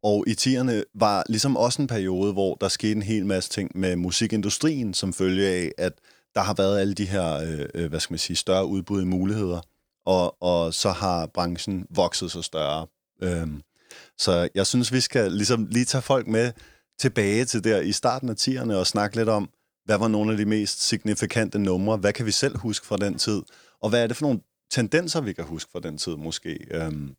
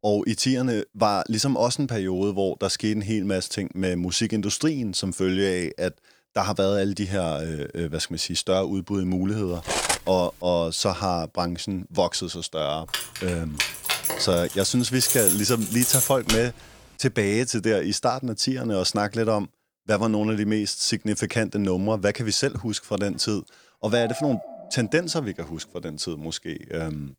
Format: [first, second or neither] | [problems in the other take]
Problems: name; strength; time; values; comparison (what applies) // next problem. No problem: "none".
first | clattering dishes; loud; at 9.5 s; peak 1 dB above the speech // jangling keys; loud; from 13 to 16 s; peak 6 dB above the speech // dog barking; noticeable; from 24 to 25 s; peak 9 dB below the speech